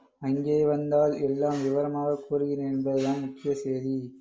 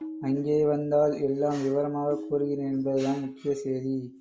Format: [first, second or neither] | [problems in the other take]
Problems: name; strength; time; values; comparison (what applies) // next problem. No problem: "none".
first | background sound (Tabla); 17 dB below the speech